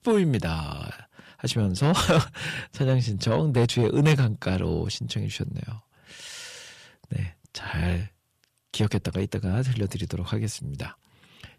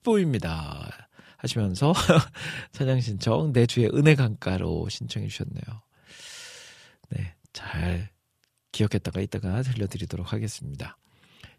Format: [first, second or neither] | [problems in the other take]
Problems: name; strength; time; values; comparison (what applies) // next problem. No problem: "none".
second | distortion; slight; 10 dB below the speech